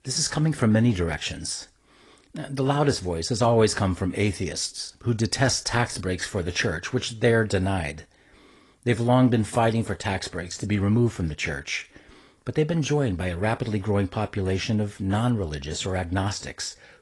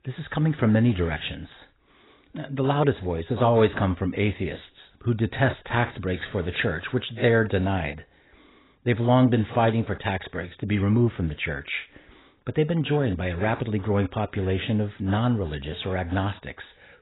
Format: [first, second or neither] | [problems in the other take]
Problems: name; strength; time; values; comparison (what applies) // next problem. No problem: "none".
first | garbled, watery; badly; nothing above 4 kHz; slightly in the first